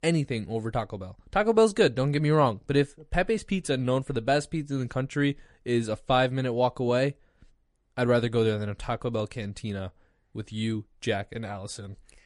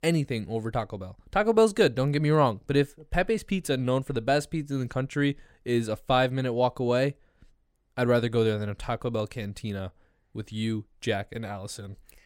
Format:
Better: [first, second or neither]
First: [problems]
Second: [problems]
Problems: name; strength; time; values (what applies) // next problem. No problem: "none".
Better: second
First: garbled, watery; slightly; nothing above 10.5 kHz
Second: none